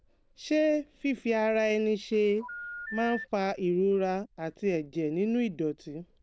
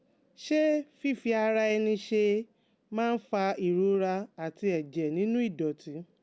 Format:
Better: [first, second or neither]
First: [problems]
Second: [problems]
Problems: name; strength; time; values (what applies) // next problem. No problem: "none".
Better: second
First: noise reduction (neural diffusion model UNIVERSE++)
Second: none